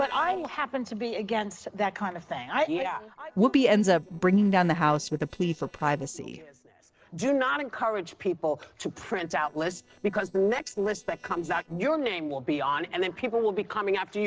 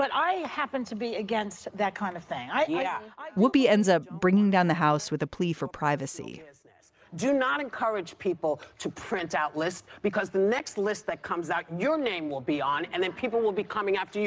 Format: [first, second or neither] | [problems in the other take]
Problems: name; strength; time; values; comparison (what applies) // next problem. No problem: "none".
second | noise reduction (neural separator model SepFormer DNS4)